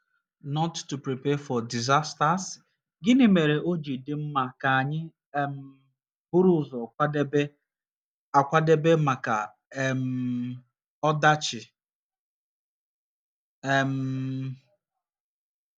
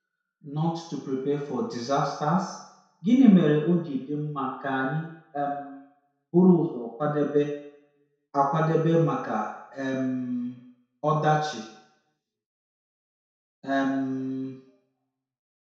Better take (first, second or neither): first